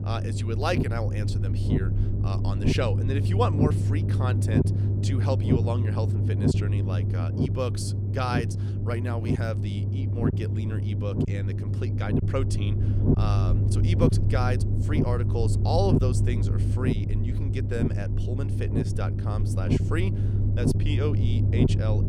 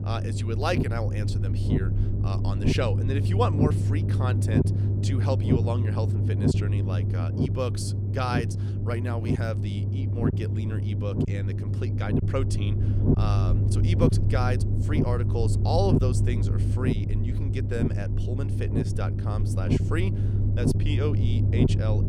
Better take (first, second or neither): neither